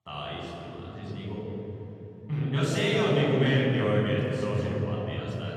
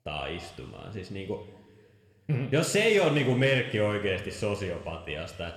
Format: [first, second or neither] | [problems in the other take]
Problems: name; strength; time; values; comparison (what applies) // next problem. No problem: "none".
second | room echo; strong; dies away in 3 s; slight in the second // off-mic speech; far